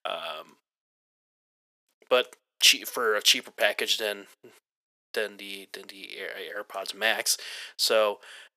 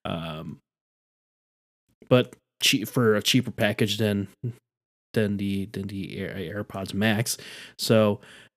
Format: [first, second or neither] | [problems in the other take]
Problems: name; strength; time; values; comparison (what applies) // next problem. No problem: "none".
second | thin; very; fading below 550 Hz